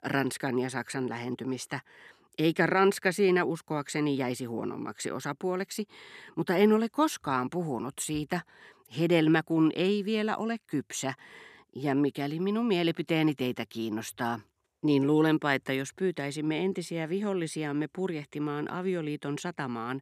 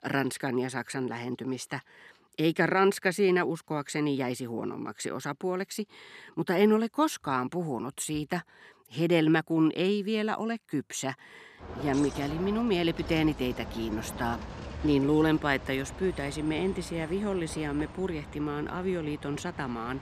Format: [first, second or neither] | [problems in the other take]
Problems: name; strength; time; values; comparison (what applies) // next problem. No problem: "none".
first | traffic noise; noticeable; throughout; 15 dB below the speech